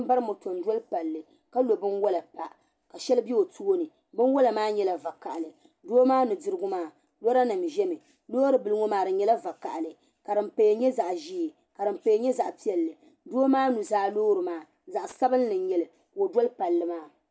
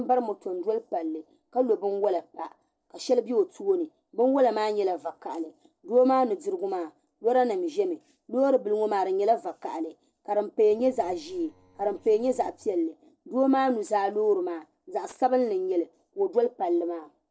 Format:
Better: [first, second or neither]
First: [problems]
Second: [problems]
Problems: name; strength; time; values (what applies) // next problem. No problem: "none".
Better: first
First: none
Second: noise reduction (neural separator model SepFormer DNS4)